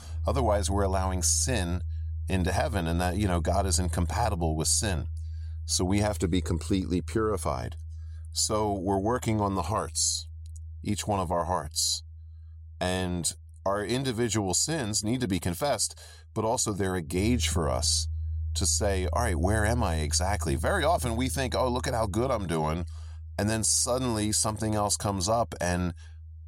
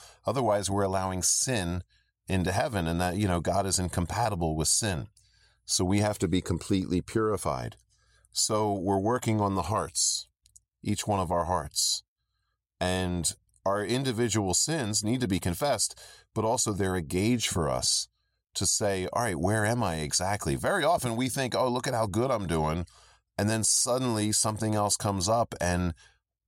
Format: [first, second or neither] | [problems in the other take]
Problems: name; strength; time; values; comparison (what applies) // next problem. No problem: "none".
second | background music; loud; throughout; 9 dB below the speech